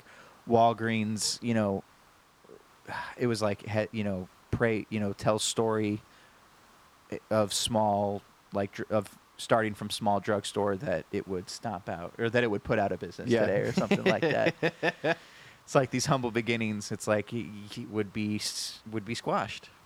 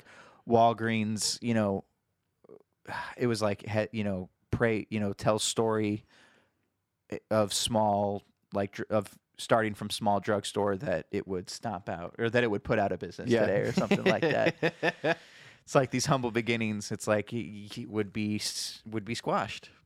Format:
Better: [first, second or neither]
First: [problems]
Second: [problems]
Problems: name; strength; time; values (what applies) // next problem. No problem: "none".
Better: second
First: hiss; faint; throughout; 30 dB below the speech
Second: none